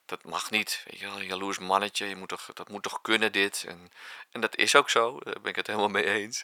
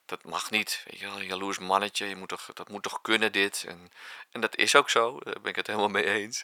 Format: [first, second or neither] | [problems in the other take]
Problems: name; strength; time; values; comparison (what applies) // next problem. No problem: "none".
neither | thin; very; fading below 750 Hz; the same in both